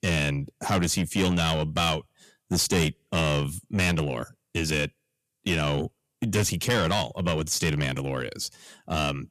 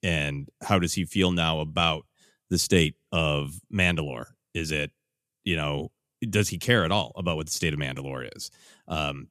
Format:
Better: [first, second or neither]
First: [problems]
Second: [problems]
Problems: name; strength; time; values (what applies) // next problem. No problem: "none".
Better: second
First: distortion; heavy; 7 dB below the speech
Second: none